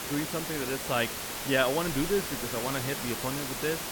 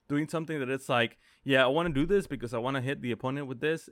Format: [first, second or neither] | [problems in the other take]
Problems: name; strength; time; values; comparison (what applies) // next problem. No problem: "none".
second | hiss; loud; throughout; 2 dB below the speech